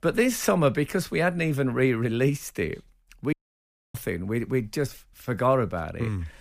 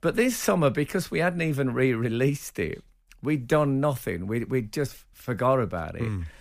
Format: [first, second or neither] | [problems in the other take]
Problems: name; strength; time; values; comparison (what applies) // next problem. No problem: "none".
second | audio cutting out; at 3.5 s for 0.5 s